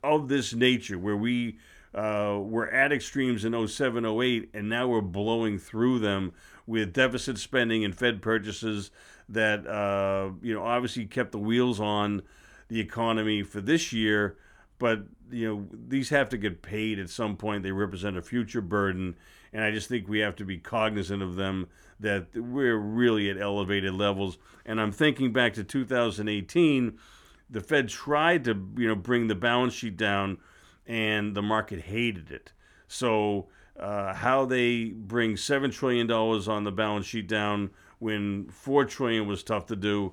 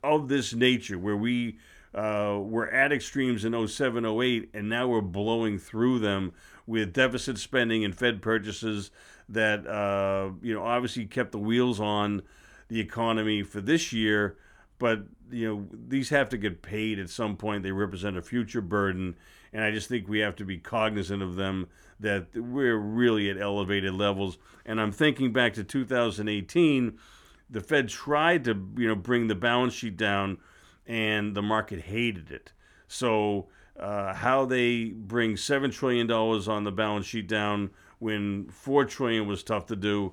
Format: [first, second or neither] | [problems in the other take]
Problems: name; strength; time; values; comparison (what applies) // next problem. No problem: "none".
neither | none